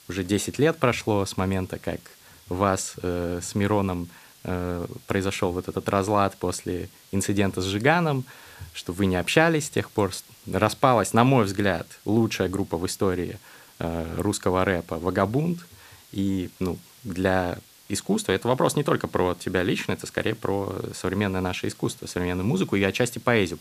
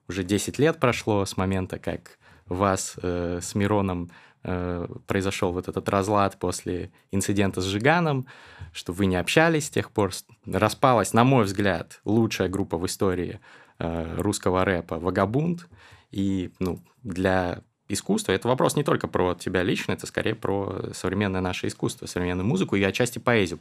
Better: second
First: hiss; faint; throughout; 25 dB below the speech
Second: none

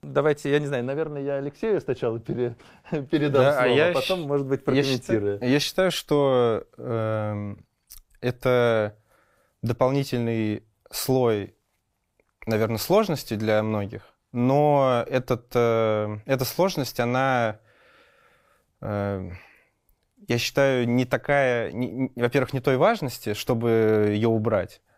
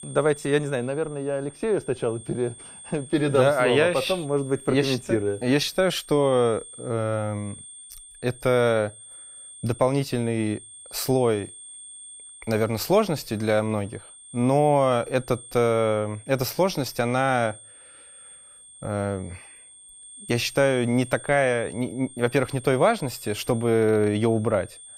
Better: first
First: none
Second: high-pitched whine; noticeable; throughout; 8.5 kHz, 20 dB below the speech

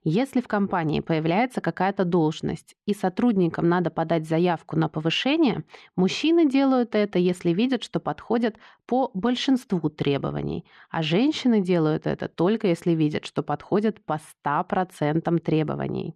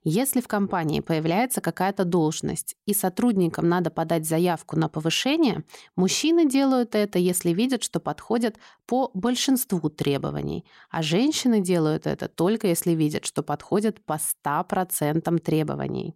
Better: second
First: muffled; slightly; fading above 3 kHz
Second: none

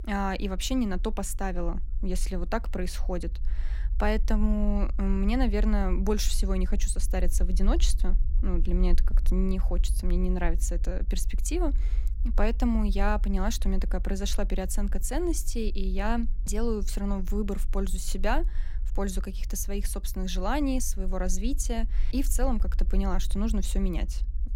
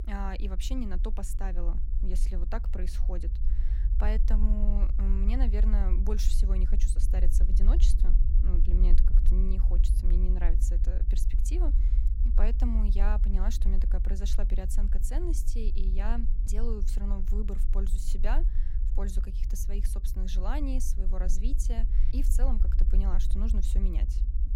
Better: first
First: low rumble; faint; throughout; 20 dB below the speech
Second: low rumble; loud; throughout; 9 dB below the speech

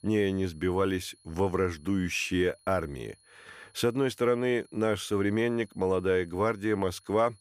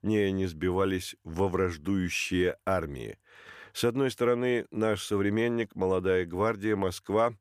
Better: second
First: high-pitched whine; faint; throughout; 10.5 kHz, 30 dB below the speech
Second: none

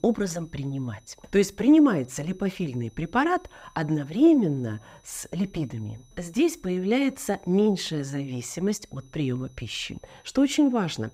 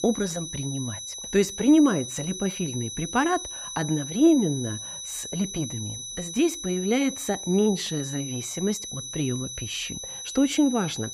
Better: first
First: high-pitched whine; faint; throughout; 6 kHz, 35 dB below the speech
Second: high-pitched whine; loud; throughout; 6 kHz, 8 dB below the speech

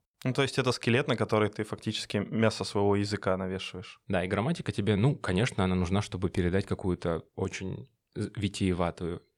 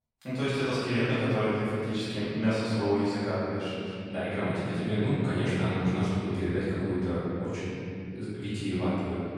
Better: first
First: none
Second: off-mic speech; far // room echo; strong; dies away in 2.8 s

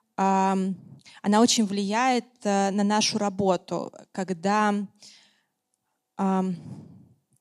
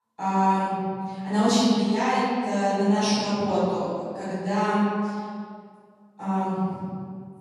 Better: first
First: none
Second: room echo; strong; dies away in 1.9 s // off-mic speech; far

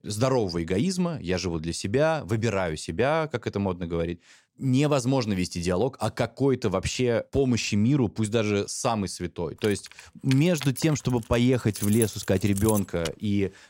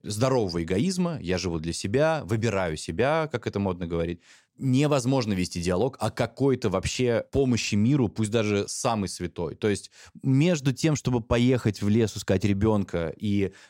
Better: second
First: jangling keys; noticeable; from 9.5 to 13 s; peak 6 dB below the speech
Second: none

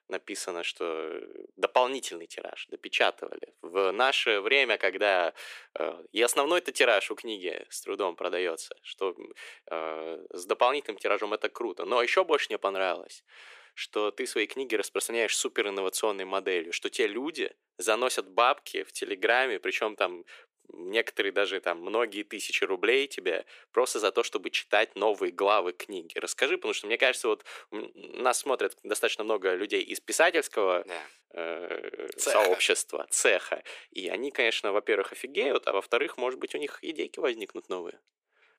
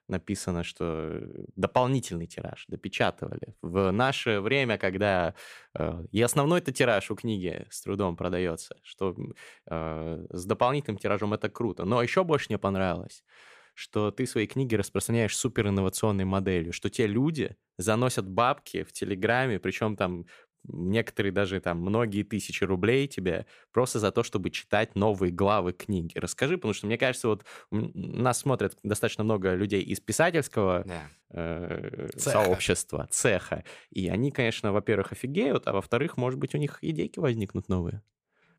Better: second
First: thin; very; fading below 350 Hz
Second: none

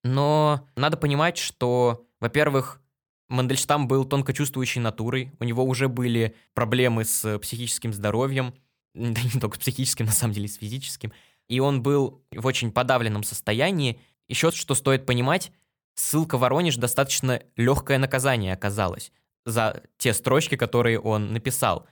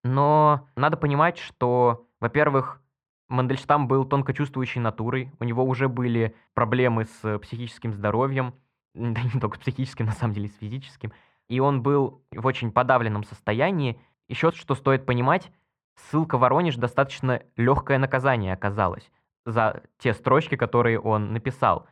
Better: first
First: none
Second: muffled; very; fading above 2 kHz

